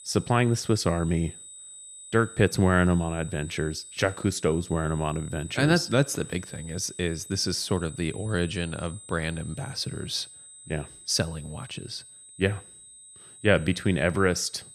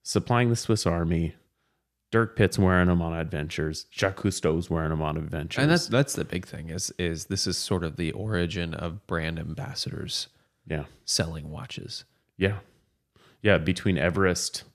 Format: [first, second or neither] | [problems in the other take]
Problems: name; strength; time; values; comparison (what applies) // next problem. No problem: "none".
second | high-pitched whine; noticeable; throughout; 8 kHz, 15 dB below the speech